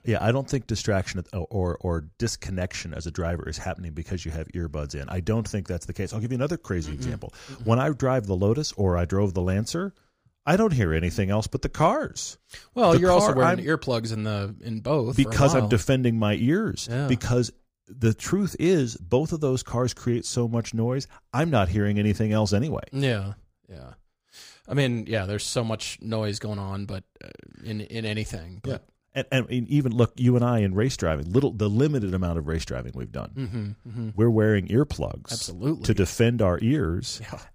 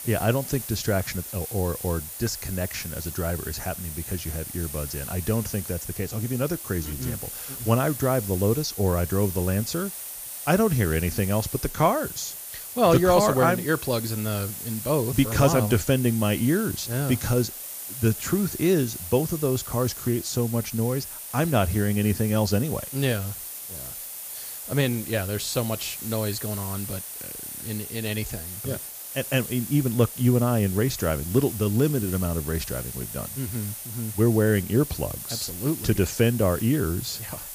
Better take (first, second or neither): first